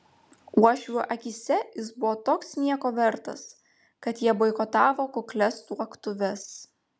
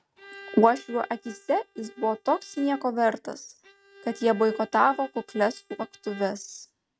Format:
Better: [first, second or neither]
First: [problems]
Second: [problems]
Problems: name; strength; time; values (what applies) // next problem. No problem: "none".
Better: first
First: none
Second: noise reduction (neural mask model RNNoise)